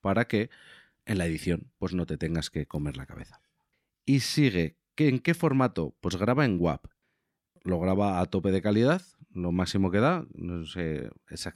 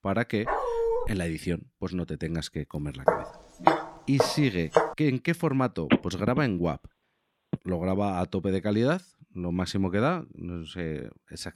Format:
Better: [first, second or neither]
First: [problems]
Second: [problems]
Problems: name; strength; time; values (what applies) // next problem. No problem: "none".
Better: first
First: none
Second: dog barking; loud; at 0.5 s; peak 2 dB above the speech // footsteps; loud; from 3 to 5 s; peak 4 dB above the speech // phone ringing; loud; from 6 to 7.5 s; peak 2 dB above the speech